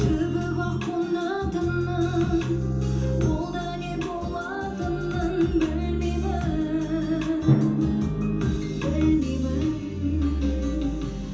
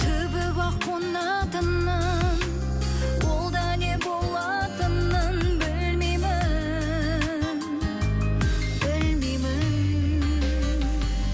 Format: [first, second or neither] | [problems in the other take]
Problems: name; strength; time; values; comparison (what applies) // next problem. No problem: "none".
second | background sound (Drum); 10 dB below the speech // room echo; dies away in 0.6 s